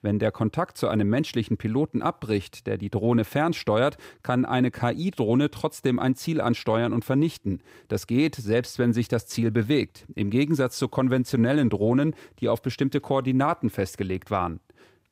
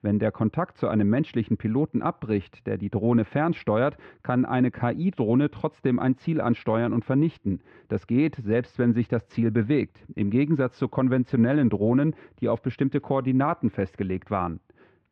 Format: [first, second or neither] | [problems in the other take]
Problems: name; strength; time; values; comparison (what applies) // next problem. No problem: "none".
first | muffled; very; fading above 2.5 kHz